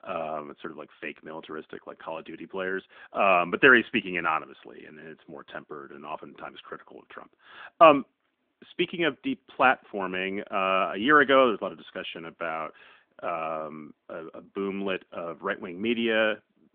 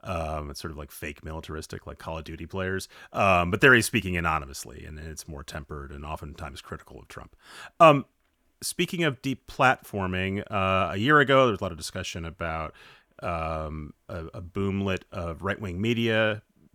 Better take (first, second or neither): second